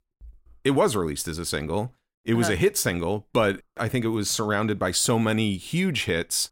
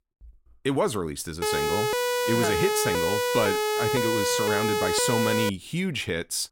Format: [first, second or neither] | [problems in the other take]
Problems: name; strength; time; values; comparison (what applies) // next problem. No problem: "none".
first | siren; loud; from 1.5 to 5.5 s; peak 3 dB above the speech